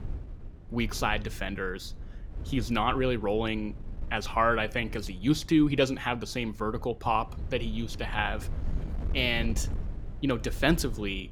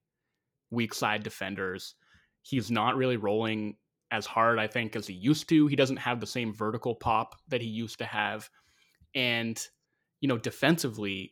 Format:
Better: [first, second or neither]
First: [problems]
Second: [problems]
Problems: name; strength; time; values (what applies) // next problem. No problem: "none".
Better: second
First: wind noise on the microphone; occasional gusts; 20 dB below the speech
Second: none